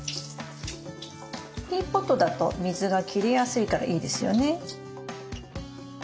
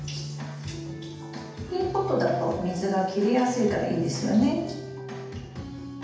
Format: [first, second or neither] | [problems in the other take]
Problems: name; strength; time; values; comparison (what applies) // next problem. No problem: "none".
first | room echo; dies away in 0.8 s